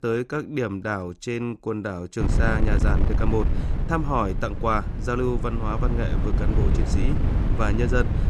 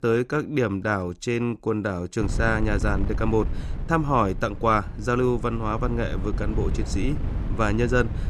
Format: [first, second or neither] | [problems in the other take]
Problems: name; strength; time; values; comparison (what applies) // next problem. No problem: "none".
second | wind noise on the microphone; heavy; from 2 s on; 8 dB below the speech; occasional gusts in the second